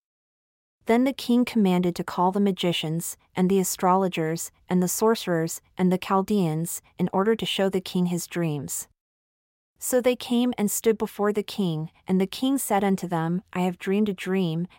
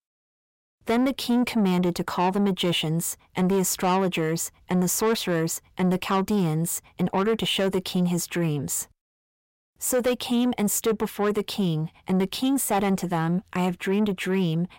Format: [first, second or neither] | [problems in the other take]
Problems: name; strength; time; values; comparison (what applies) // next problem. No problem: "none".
first | distortion; slight; 10 dB below the speech